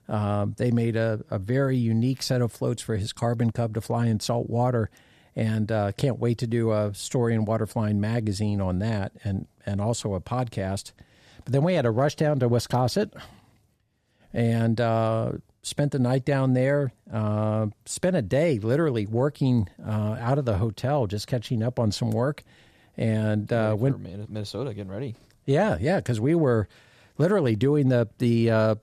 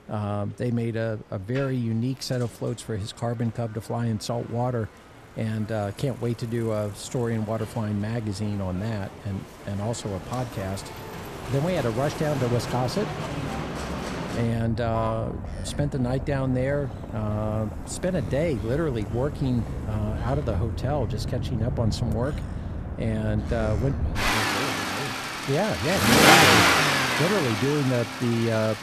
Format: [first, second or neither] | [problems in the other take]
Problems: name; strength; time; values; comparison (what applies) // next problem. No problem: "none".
first | traffic noise; very loud; throughout; 2 dB above the speech